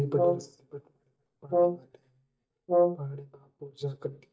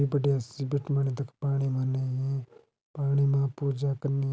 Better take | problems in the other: second | noise reduction (neural mask model DeepFilterNet 3)

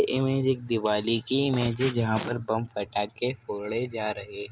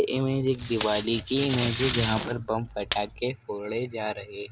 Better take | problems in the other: first | background sound (Packing tape, duct tape); 8 dB below the speech

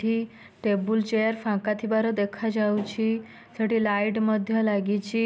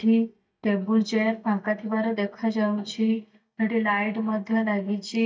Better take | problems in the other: first | noise reduction (neural mask model DeepFilterNet 3)

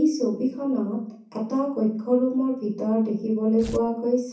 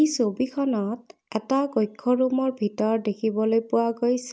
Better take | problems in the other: second | background sound (Tearing); 13 dB below the speech // room echo; dies away in 0.6 s

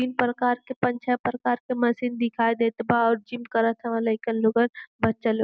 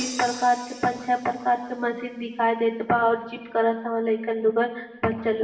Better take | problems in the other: first | background sound (Crash cymbal); 20 dB below the speech // room echo; dies away in 1.1 s

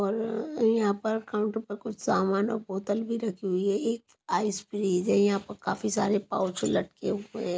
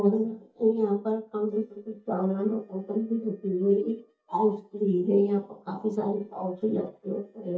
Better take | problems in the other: first | noise reduction (neural mask model DeepFilterNet 3)

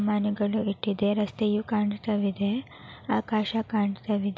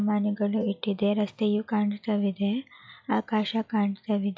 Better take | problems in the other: first | noise reduction (classical method log-MMSE)

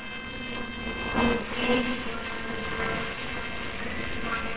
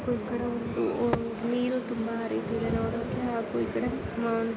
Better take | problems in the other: second | noise reduction (neural separator model SepFormer WHAMR!)

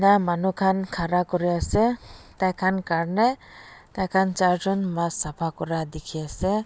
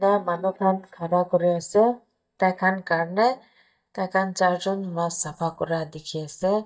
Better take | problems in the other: first | noise reduction (neural mask model DeepFilterNet 3)

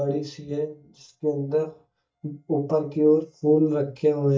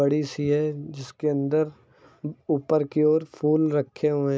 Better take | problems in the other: second | noise reduction (neural mask model DeepFilterNet 3)

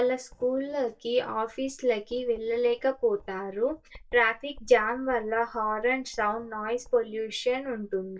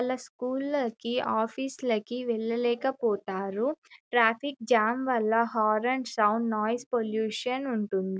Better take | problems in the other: second | noise reduction (neural mask model DeepFilterNet 3)

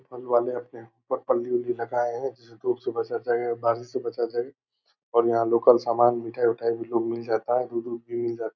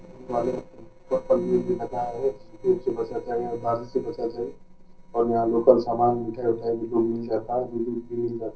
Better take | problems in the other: first | noise reduction (neural separator model SepFormer DNS4)

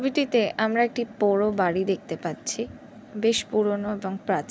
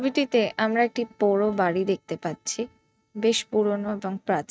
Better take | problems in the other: first | noise reduction (neural mask model RNNoise)

